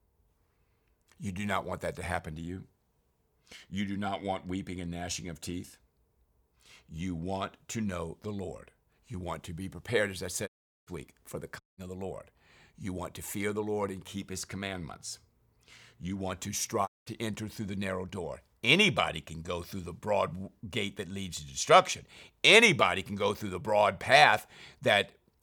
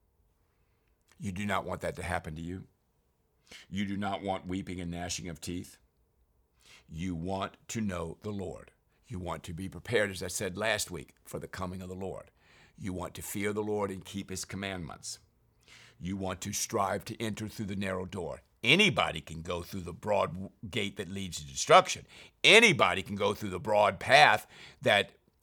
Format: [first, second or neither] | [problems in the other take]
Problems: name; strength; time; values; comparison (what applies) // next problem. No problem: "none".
second | audio cutting out; at 10 s, at 12 s and at 17 s